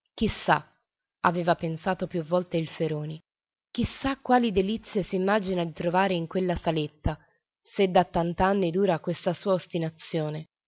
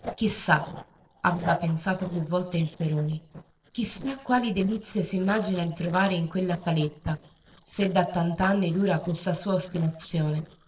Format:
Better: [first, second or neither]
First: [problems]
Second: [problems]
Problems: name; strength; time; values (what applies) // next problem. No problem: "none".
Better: first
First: none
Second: noise reduction (neural separator model SepFormer DNS4)